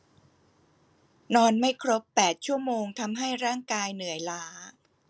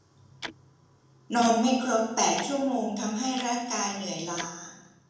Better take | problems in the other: first | background sound (Tick-tock); 18 dB below the speech // room echo; dies away in 0.9 s

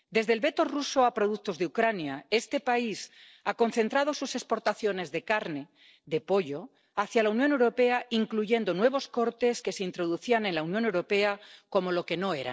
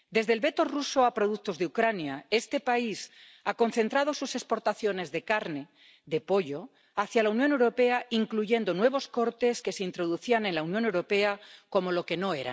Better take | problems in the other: second | noise reduction (neural separator model SepFormer DNS4)

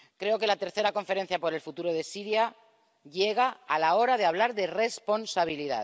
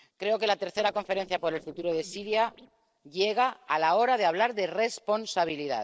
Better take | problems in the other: first | noise reduction (neural separator model SepFormer DNS4)

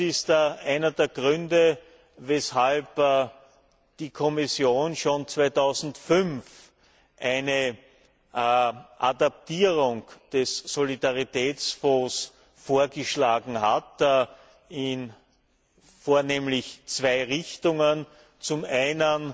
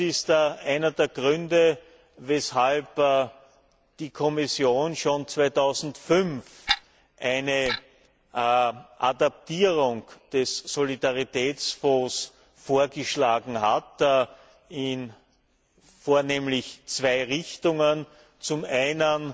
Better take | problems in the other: first | background sound (Clock); 7 dB below the speech

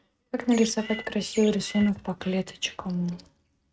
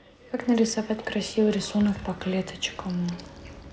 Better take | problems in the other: second | noise reduction (neural mask model RNNoise)

